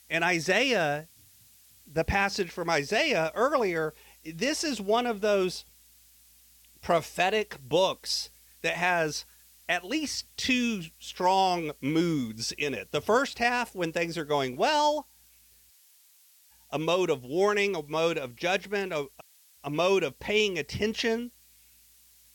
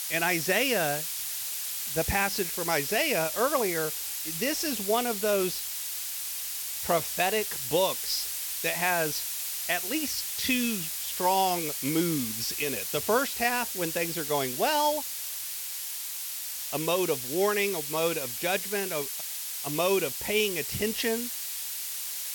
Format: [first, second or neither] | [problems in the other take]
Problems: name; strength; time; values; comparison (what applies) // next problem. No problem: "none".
first | hiss; loud; throughout; 2 dB below the speech; faint in the first